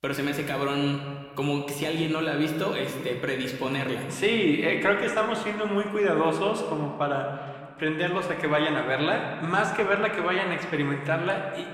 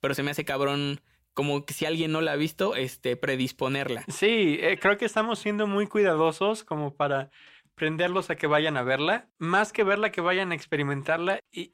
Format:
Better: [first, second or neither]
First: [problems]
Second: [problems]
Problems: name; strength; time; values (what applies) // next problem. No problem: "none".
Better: second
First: room echo; slight; dies away in 1.8 s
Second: none